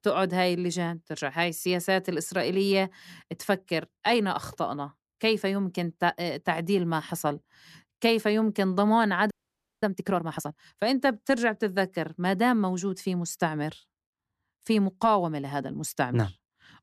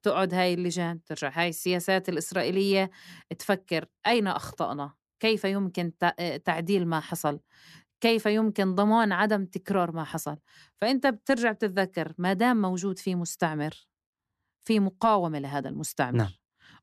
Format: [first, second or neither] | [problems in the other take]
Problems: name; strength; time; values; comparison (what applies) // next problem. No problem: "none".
second | audio freezing; at 9.5 s for 0.5 s